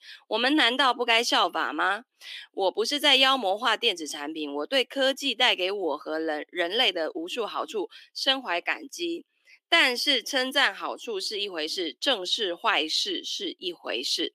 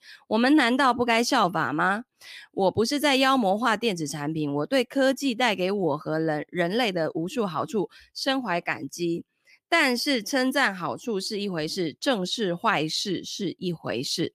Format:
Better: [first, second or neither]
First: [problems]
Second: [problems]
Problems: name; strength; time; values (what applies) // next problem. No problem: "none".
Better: second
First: thin; somewhat; fading below 300 Hz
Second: none